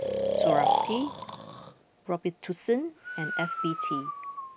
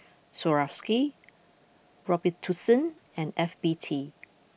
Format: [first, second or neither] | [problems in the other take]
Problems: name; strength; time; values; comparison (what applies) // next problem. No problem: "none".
second | background sound (Breathing); 3 dB above the speech